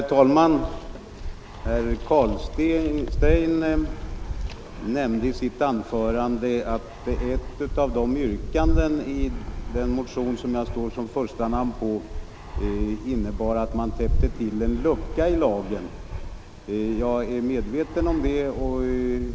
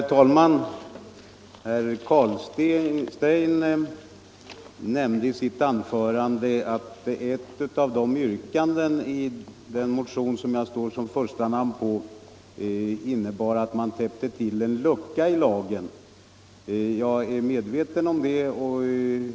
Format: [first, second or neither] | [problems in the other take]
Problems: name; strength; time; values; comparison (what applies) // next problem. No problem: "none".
second | background sound (Fixed-wing aircraft, airplane); 4 dB below the speech